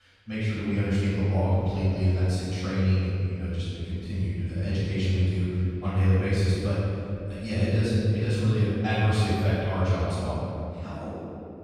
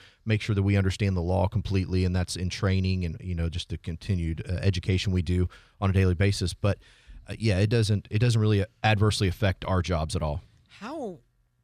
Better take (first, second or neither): second